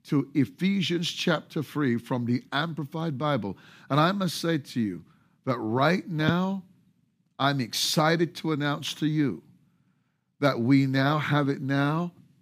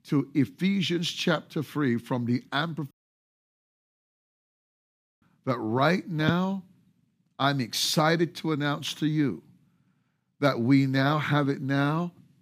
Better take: first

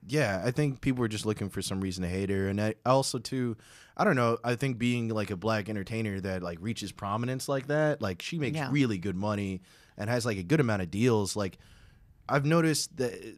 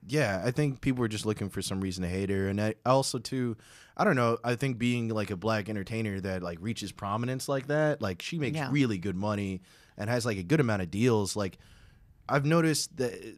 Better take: neither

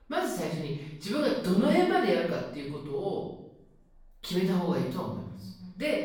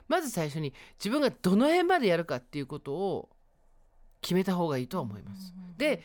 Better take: second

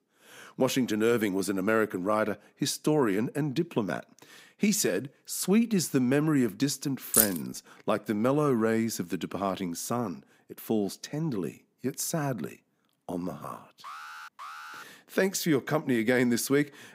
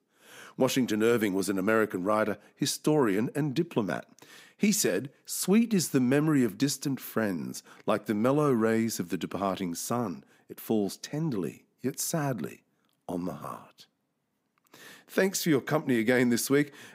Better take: second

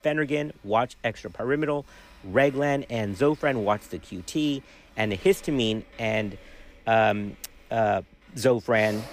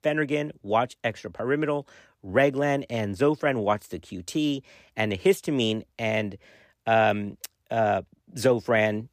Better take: second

